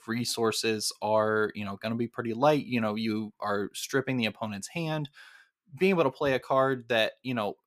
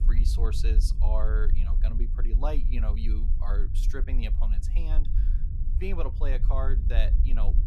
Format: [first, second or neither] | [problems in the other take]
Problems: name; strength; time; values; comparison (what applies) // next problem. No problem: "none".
first | low rumble; loud; throughout; 9 dB below the speech